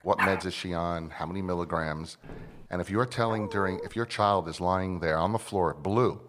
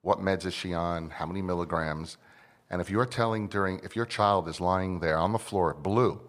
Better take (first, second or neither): second